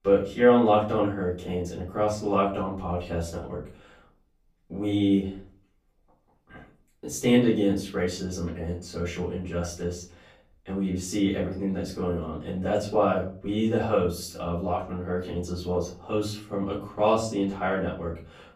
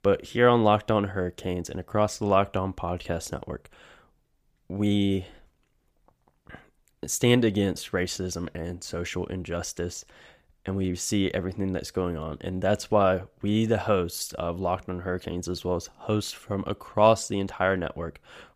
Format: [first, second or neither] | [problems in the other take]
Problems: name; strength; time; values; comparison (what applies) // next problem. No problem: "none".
second | off-mic speech; far // room echo; slight; dies away in 0.4 s